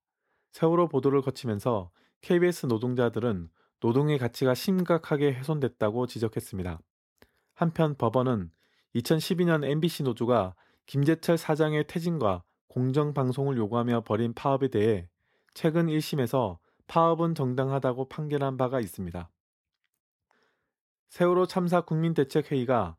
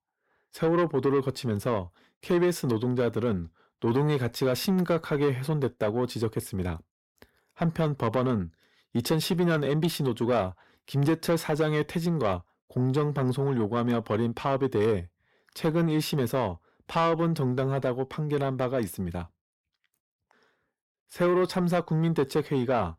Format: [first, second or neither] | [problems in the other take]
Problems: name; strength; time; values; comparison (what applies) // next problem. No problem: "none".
first | distortion; slight; 10 dB below the speech